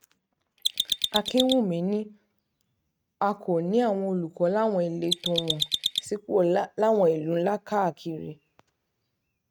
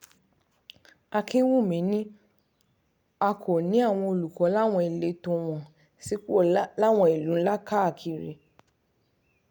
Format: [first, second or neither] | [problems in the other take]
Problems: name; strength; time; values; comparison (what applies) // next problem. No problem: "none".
second | noise reduction (neural mask model RNNoise)